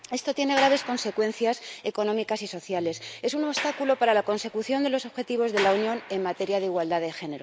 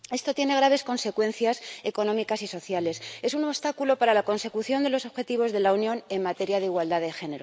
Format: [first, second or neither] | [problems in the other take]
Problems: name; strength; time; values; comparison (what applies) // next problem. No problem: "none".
second | background sound (Sliding door); 13 dB below the speech